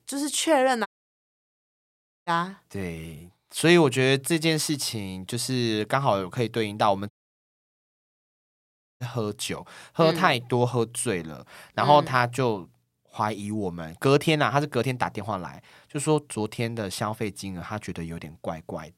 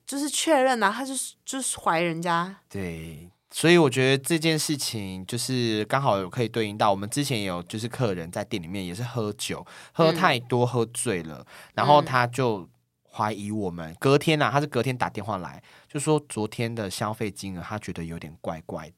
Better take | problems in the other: second | audio cutting out; at 1 s for 1.5 s and at 7 s for 2 s

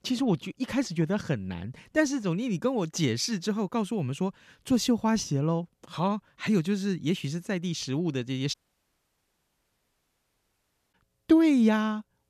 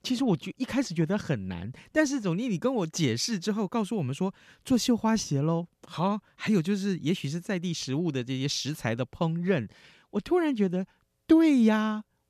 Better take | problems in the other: second | audio cutting out; at 8.5 s for 2.5 s

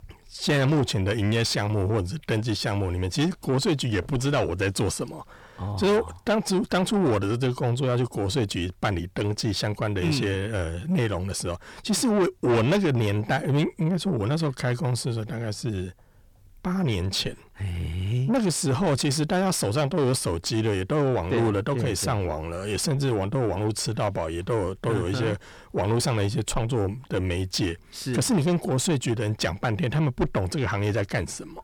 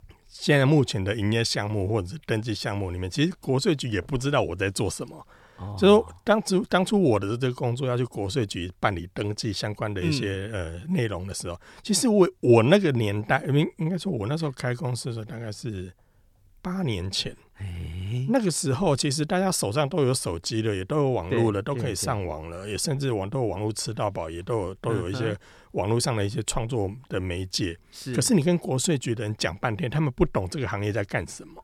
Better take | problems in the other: second | distortion; heavy; 8 dB below the speech

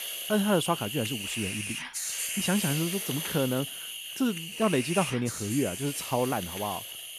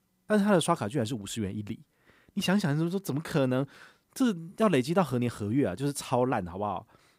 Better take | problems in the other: second | hiss; loud; throughout; 3 dB below the speech

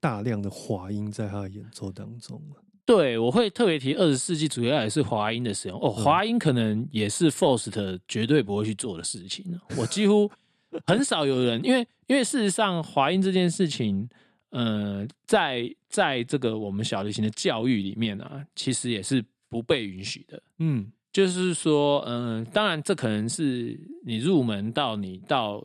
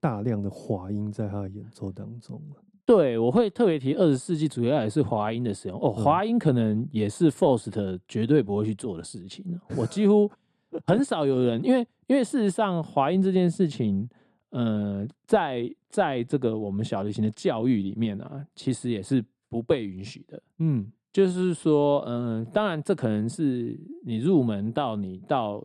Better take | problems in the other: first | muffled; slightly; fading above 1.5 kHz

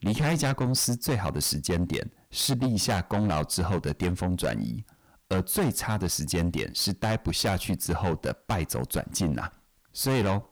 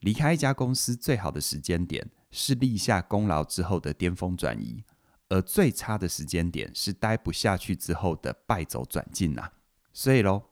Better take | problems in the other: second | distortion; heavy; 6 dB below the speech

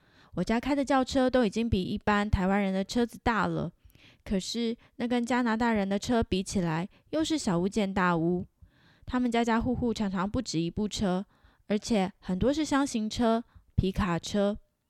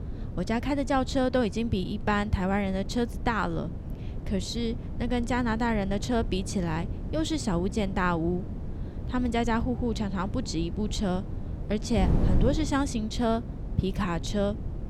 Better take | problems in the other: first | wind noise on the microphone; occasional gusts; 15 dB below the speech

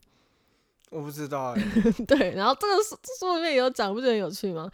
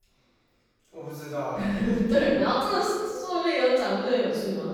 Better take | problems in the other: first | off-mic speech; far // room echo; strong; dies away in 1.2 s

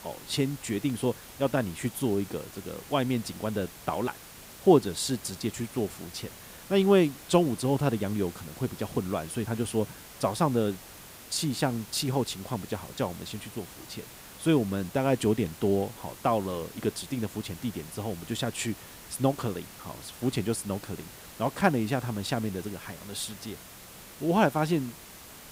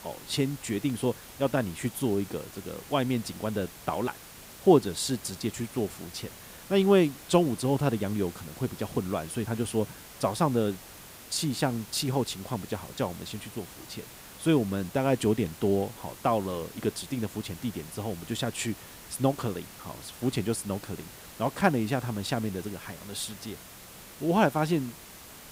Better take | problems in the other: neither | hiss; noticeable; throughout; 15 dB below the speech; the same in both

